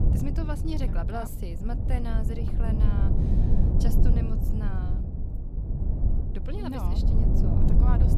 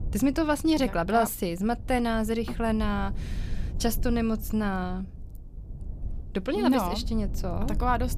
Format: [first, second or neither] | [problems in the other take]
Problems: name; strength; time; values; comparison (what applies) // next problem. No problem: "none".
second | low rumble; loud; throughout; as loud as the speech; faint in the second